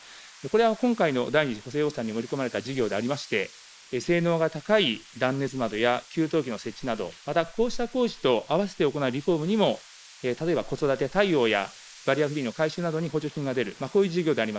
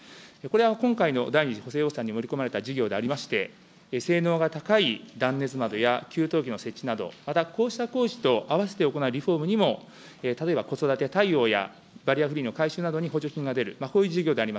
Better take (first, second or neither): second